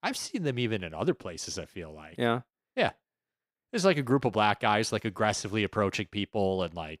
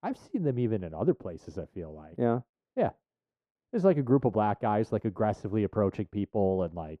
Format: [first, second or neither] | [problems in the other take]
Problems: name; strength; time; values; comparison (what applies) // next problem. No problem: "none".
first | muffled; very; fading above 1.5 kHz